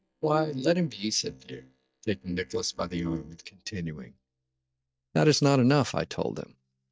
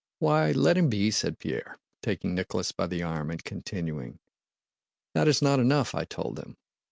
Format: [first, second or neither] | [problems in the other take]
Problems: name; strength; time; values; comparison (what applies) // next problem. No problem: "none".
second | noise reduction (neural mask model DeepFilterNet 3)